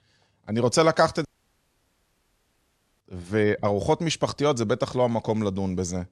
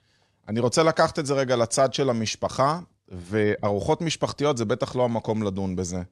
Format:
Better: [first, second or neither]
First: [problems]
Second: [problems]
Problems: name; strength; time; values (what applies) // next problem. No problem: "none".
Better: second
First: audio cutting out; at 1.5 s for 2 s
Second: none